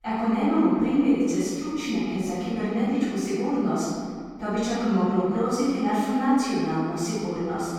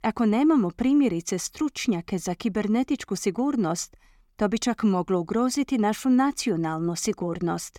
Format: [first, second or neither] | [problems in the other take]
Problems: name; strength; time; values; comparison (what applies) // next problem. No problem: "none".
second | off-mic speech; far // room echo; strong; dies away in 1.8 s